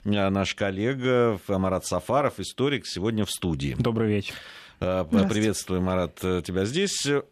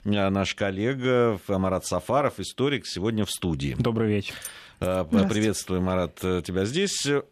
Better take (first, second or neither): first